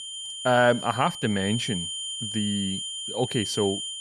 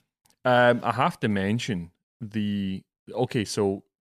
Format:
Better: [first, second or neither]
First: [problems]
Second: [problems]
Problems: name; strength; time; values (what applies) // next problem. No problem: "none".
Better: second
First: high-pitched whine; loud; throughout; 3 kHz, 5 dB below the speech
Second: none